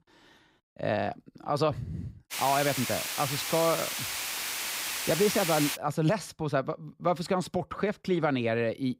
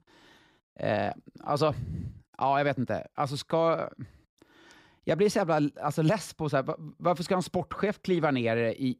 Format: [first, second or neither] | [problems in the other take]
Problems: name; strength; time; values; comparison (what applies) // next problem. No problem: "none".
second | hiss; loud; from 2.5 to 6 s; 2 dB below the speech